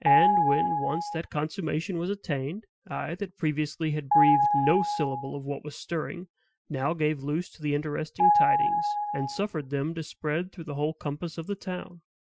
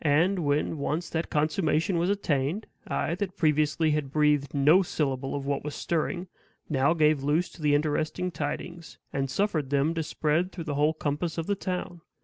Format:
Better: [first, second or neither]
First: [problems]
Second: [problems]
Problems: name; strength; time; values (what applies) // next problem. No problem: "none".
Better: second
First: noise reduction (classical method Wiener filter)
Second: none